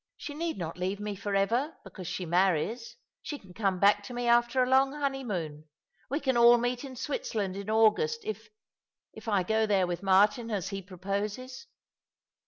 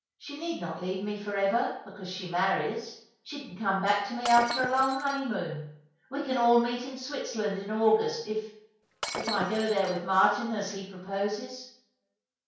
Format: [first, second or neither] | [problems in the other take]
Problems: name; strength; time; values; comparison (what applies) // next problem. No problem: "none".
first | background sound (Shatter); 8 dB below the speech // room echo; dies away in 0.5 s